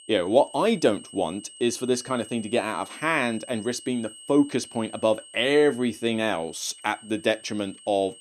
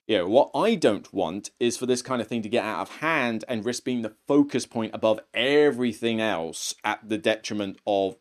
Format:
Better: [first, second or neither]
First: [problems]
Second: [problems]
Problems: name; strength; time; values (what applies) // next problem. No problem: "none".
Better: second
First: high-pitched whine; noticeable; throughout; 8.5 kHz, 20 dB below the speech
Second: none